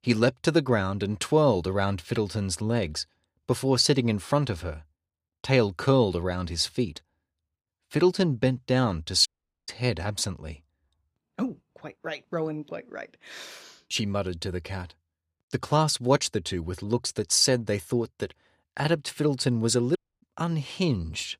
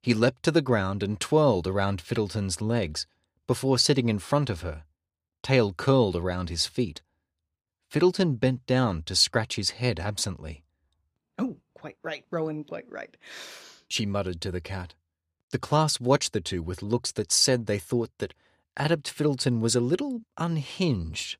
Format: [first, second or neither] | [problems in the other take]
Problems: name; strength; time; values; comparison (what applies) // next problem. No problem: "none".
second | audio cutting out; at 9.5 s and at 20 s